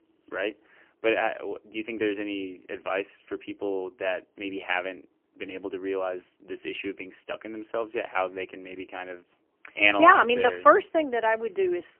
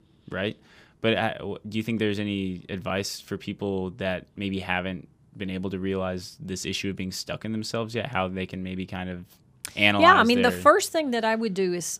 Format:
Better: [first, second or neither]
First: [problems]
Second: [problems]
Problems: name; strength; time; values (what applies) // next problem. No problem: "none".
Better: second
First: phone-call audio; poor line; nothing above 3 kHz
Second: none